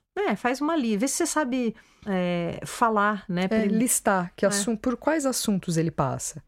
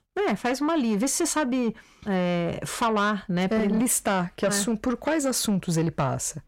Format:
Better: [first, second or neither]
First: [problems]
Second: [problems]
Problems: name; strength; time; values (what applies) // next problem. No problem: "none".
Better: first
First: none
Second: distortion; slight; 10 dB below the speech